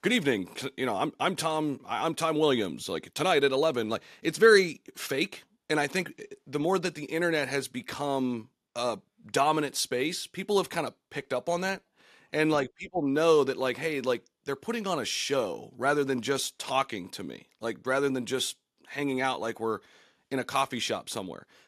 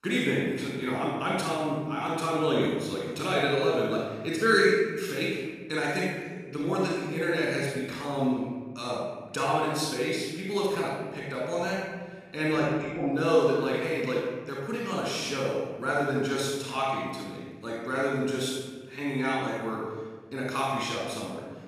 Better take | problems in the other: first | off-mic speech; far // room echo; strong; dies away in 1.6 s

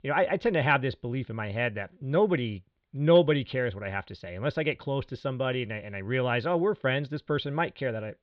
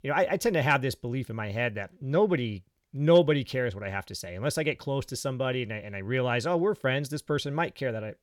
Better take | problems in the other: second | muffled; slightly; fading above 3.5 kHz

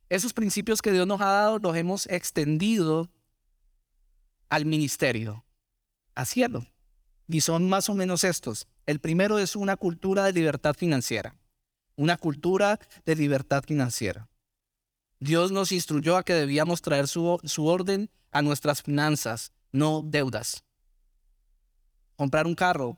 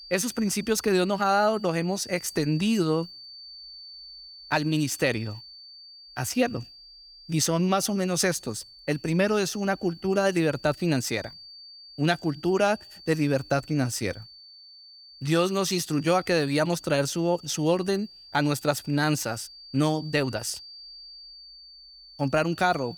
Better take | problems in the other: first | high-pitched whine; noticeable; throughout; 4.5 kHz, 20 dB below the speech

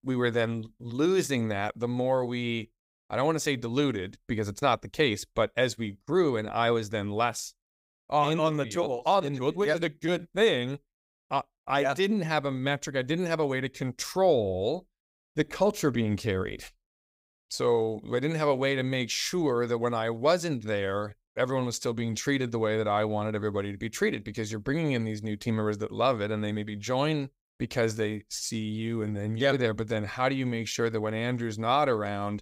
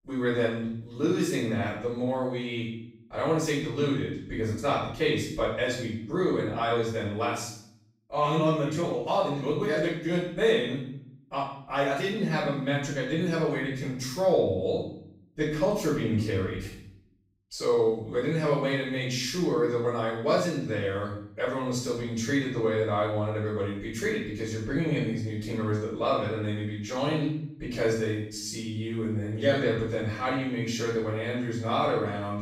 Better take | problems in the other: first | off-mic speech; far // room echo; noticeable; dies away in 0.6 s

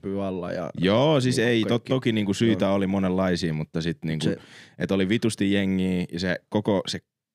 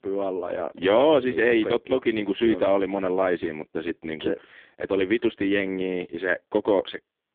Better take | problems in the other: first | phone-call audio; poor line

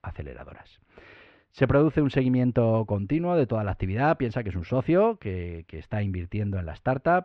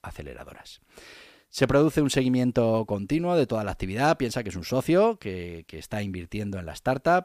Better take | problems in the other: second | muffled; very; fading above 2.5 kHz

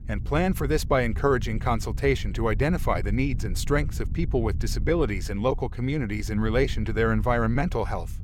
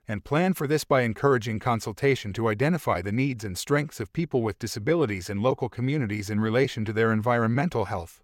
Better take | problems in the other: second | wind noise on the microphone; occasional gusts; 20 dB below the speech

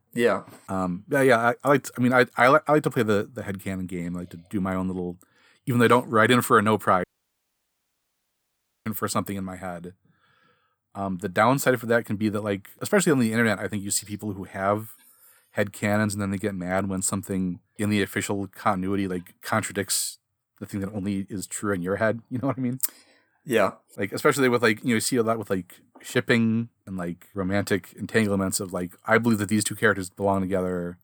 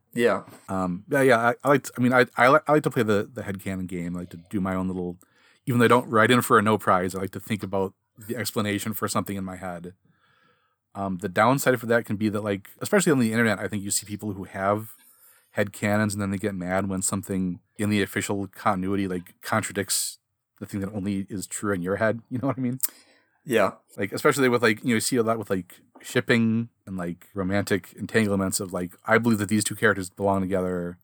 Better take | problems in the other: second | audio cutting out; at 7 s for 2 s

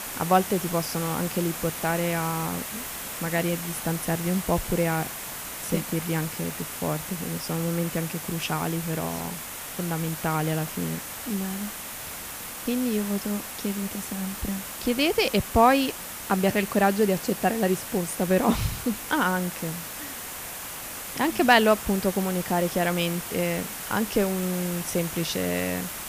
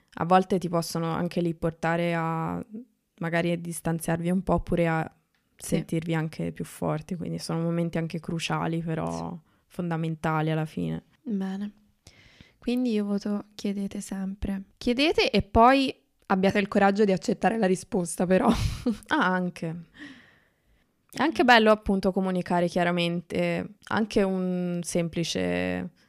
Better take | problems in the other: second | hiss; loud; throughout; 7 dB below the speech

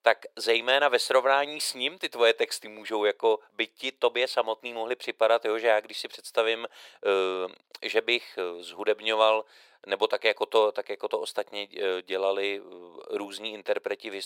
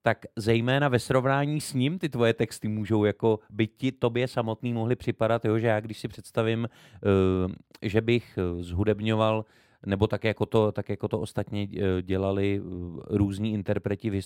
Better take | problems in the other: second | thin; very; fading below 500 Hz

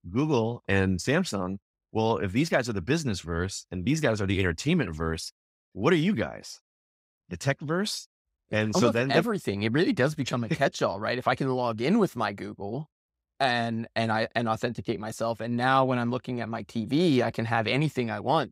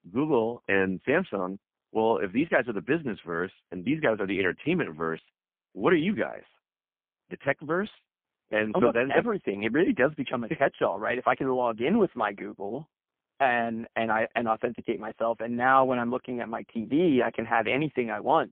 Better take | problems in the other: first | phone-call audio; poor line; nothing above 3.5 kHz

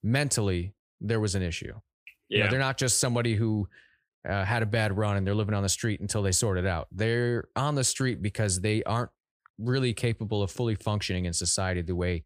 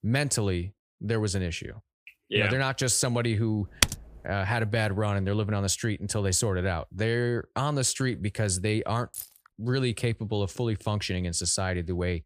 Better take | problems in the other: first | keyboard typing; loud; at 4 s; peak 2 dB above the speech // jangling keys; faint; at 9 s; peak 10 dB below the speech

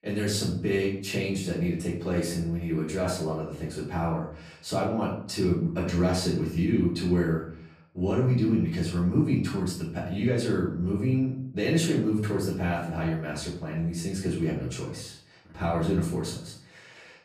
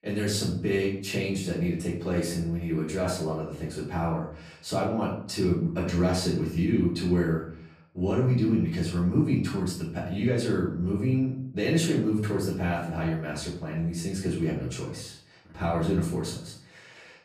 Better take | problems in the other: neither | room echo; noticeable; dies away in 0.5 s; the same in both // off-mic speech; far; the same in both

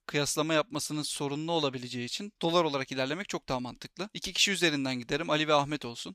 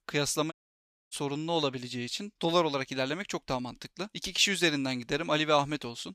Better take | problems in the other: first | audio cutting out; at 0.5 s for 0.5 s

